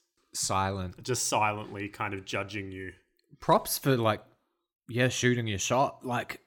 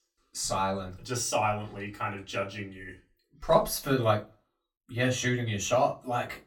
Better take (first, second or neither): first